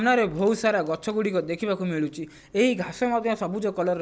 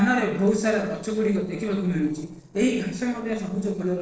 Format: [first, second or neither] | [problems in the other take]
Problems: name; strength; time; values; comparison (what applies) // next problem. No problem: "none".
first | noise reduction (neural separator model SepFormer DNS4)